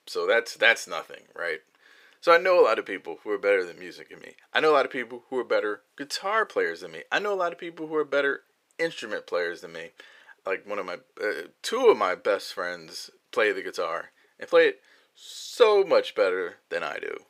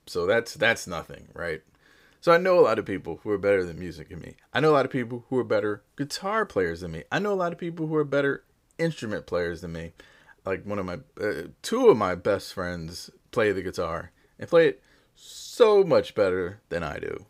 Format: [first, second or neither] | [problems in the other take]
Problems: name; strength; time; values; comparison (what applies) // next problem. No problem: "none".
second | thin; somewhat; fading below 450 Hz